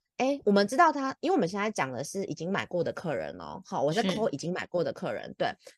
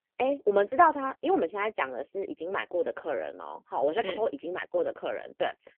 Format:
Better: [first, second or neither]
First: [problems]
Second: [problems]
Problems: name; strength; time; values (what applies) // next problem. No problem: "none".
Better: first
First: none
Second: phone-call audio; poor line; nothing above 3 kHz